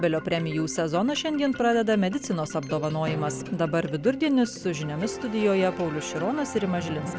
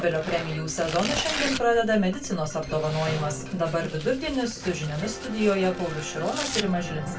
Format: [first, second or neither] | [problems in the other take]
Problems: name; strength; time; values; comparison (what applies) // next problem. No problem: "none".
first | background sound (Tearing); 10 dB below the speech // room echo; dies away in 0.2 s